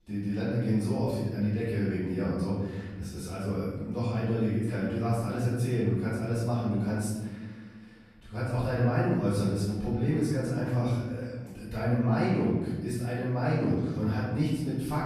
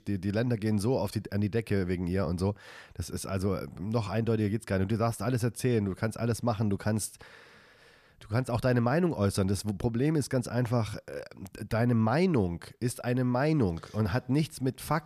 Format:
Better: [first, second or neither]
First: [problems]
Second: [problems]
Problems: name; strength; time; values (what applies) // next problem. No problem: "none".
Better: second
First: off-mic speech; far // room echo; strong; dies away in 1.5 s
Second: none